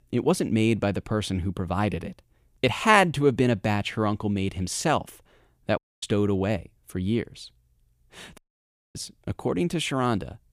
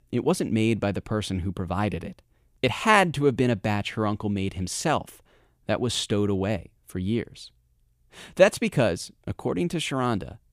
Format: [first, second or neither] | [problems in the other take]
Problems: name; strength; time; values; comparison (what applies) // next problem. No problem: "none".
second | audio cutting out; at 6 s and at 8.5 s for 0.5 s